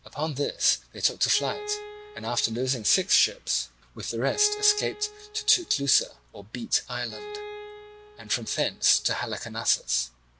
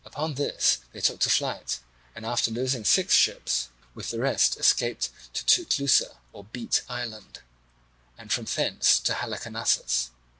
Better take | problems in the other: second | background sound (Bowed string instrument); 14 dB below the speech

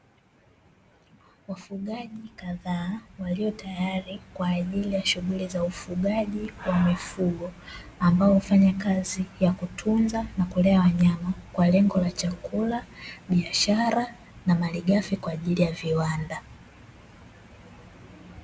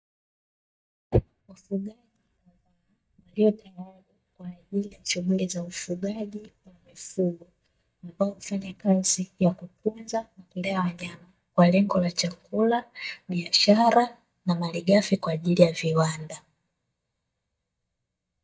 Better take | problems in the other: first | noise reduction (neural mask model DeepFilterNet 3)

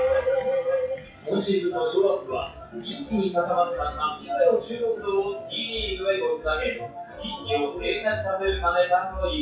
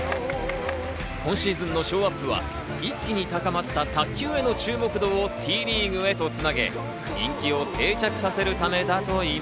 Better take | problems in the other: second | noise reduction (classical method WPE with log-MMSE)

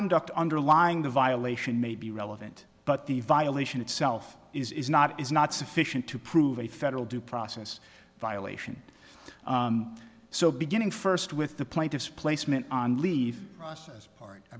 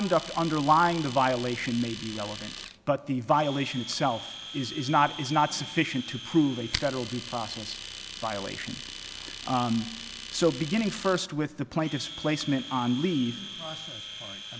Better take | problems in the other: first | background sound (Domestic sounds, home sounds); 12 dB below the speech

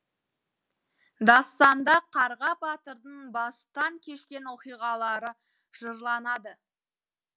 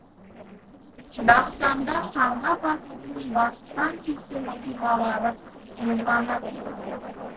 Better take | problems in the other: first | noise reduction (neural separator model SepFormer DNS4)

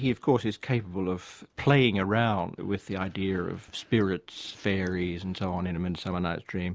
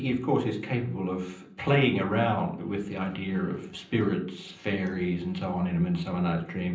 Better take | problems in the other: first | room echo; dies away in 0.6 s

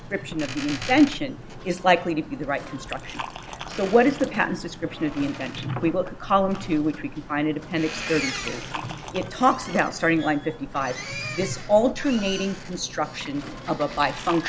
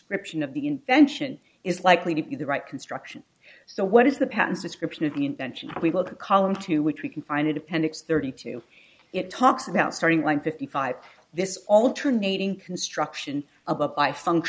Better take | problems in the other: second | background sound (Liquid + Boat, Water vehicle); 10 dB below the speech

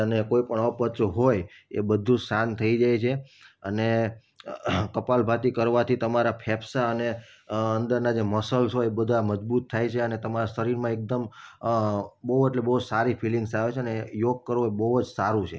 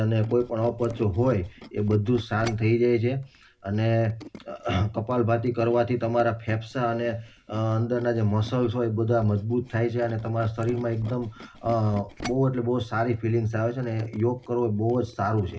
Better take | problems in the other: first | background sound (Tools); 20 dB below the speech // room echo; dies away in 0.4 s

